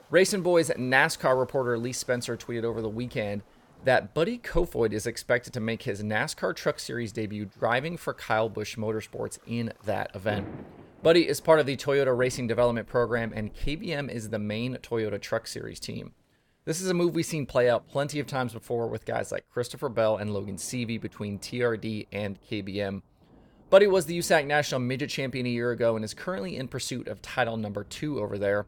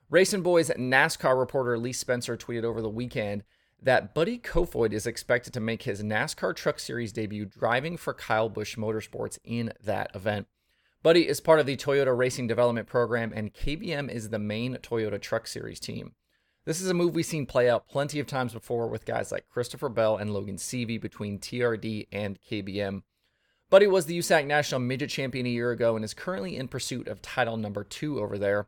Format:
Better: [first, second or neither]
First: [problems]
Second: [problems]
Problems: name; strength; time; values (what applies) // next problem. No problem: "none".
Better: second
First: rain or running water; faint; throughout; 25 dB below the speech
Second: none